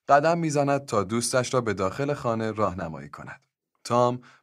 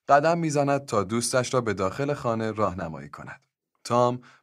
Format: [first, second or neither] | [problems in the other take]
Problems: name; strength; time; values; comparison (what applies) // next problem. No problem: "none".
neither | none